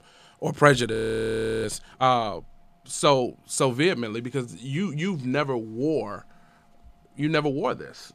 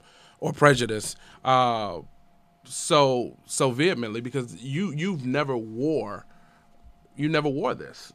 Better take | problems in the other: second | audio freezing; at 1 s for 0.5 s

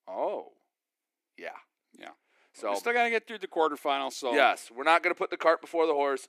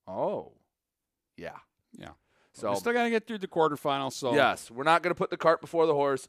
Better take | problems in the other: second | thin; very slightly; fading below 300 Hz

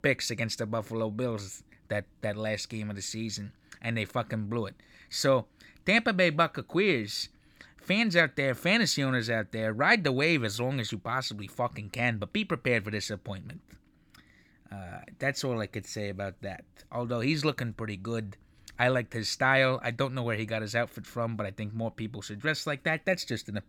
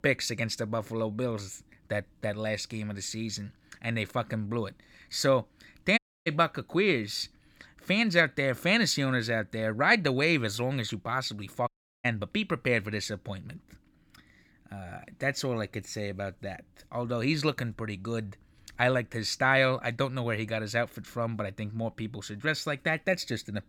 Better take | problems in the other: first | audio cutting out; at 6 s and at 12 s

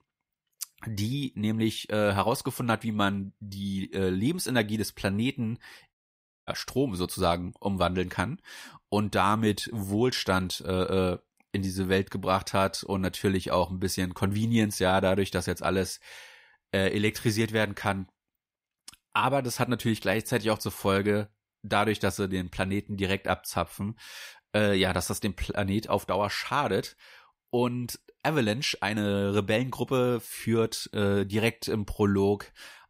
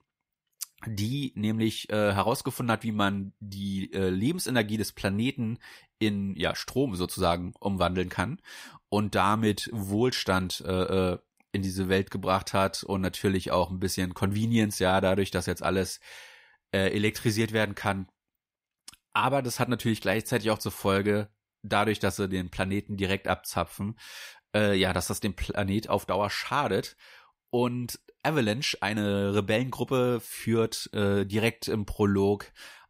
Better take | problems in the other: second | audio cutting out; at 6 s for 0.5 s

